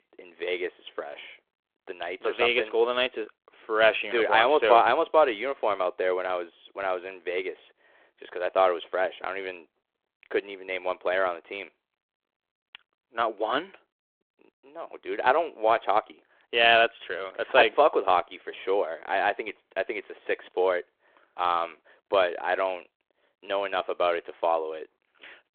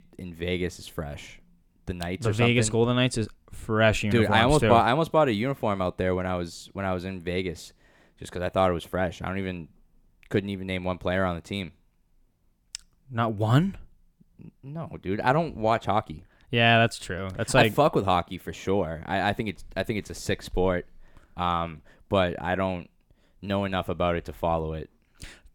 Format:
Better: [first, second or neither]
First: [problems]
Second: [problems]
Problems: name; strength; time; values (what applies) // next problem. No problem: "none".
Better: second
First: phone-call audio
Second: none